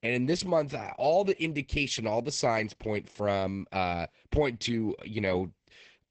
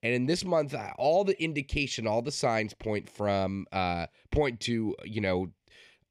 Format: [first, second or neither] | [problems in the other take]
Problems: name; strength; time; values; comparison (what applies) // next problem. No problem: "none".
second | garbled, watery; badly; nothing above 8 kHz